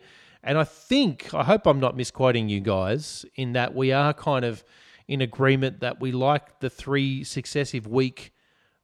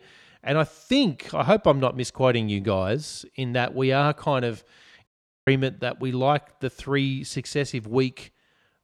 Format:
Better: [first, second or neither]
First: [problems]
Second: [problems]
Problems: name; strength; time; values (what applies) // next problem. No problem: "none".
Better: first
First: none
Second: audio cutting out; at 5 s